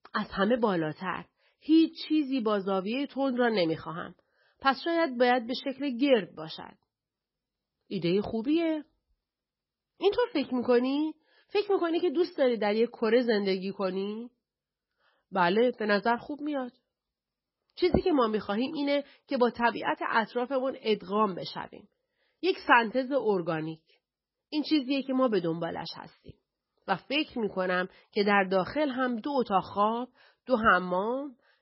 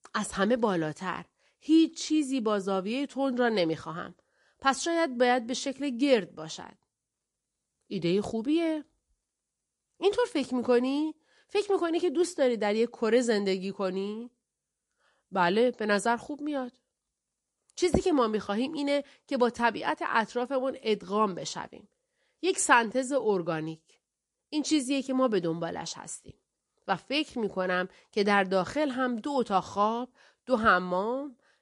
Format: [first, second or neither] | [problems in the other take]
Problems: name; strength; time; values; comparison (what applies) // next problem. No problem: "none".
second | garbled, watery; badly; nothing above 5.5 kHz; slightly in the second